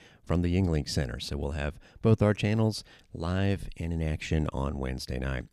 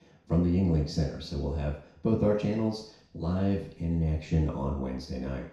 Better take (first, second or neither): first